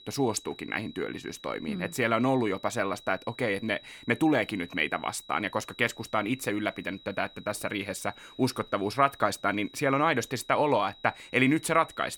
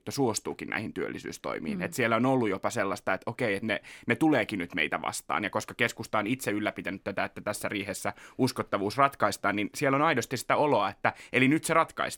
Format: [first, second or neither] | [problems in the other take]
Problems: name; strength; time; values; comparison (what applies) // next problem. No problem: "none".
second | high-pitched whine; faint; throughout; 4 kHz, 20 dB below the speech